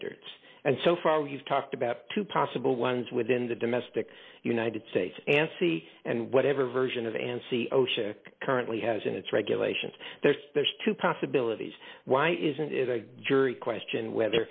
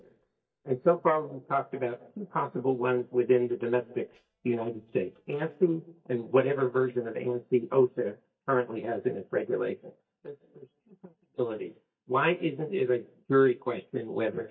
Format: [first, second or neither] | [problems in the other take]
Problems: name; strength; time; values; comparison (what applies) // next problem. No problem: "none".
first | noise reduction (neural mask model DeepFilterNet 3)